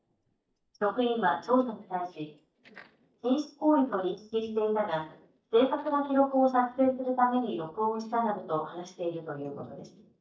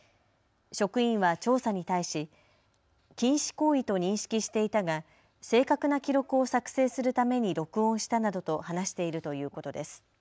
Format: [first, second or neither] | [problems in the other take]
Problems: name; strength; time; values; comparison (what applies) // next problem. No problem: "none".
second | noise reduction (neural mask model DeepFilterNet 3)